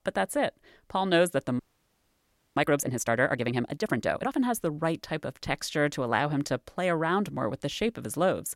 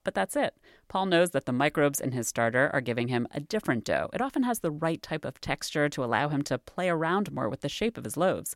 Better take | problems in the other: second | audio freezing; at 1.5 s for 1 s

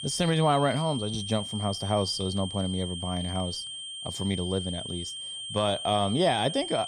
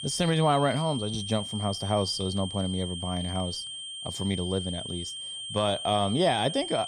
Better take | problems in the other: neither | high-pitched whine; loud; throughout; 3 kHz, 7 dB below the speech; the same in both

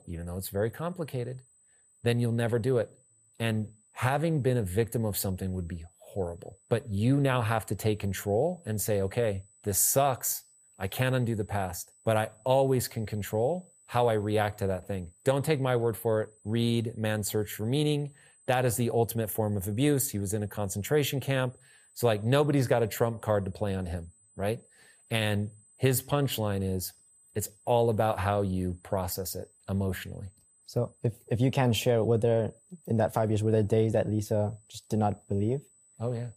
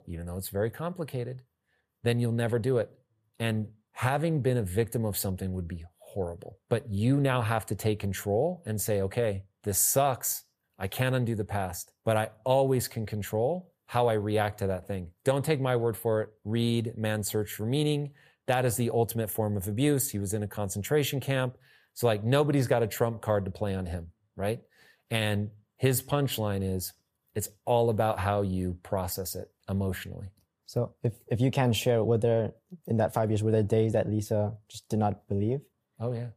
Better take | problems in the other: second | high-pitched whine; faint; throughout; 8 kHz, 30 dB below the speech

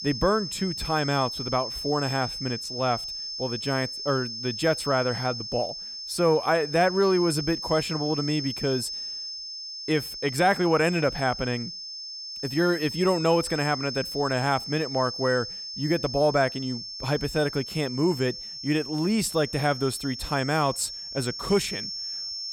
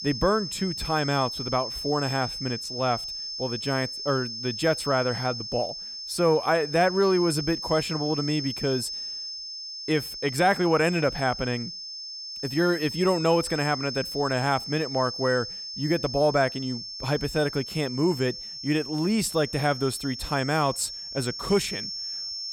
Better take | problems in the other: neither | high-pitched whine; loud; throughout; 5.5 kHz, 7 dB below the speech; the same in both

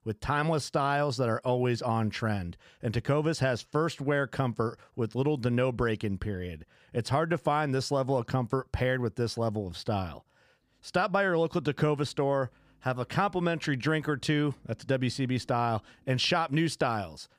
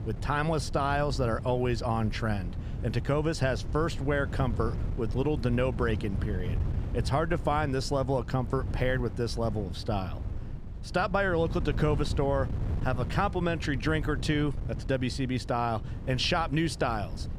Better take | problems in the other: first | wind noise on the microphone; occasional gusts; 15 dB below the speech

